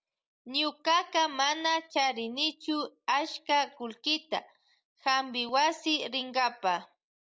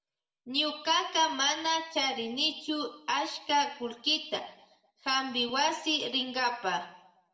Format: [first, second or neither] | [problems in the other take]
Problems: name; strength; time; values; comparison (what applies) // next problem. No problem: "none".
first | room echo; dies away in 0.7 s